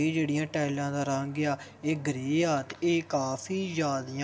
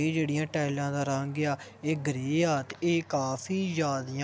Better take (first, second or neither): second